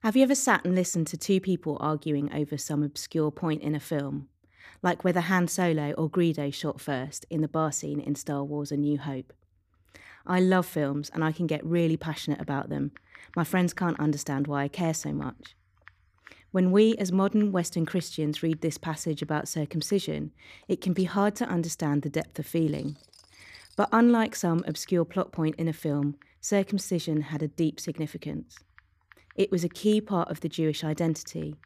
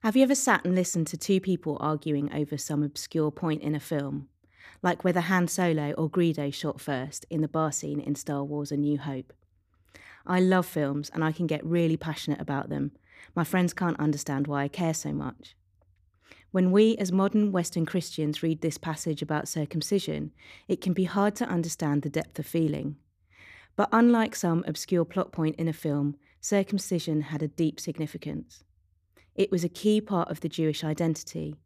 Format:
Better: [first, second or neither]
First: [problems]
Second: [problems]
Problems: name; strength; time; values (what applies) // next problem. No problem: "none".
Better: second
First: household noises; faint; from 12 s on; 30 dB below the speech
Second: none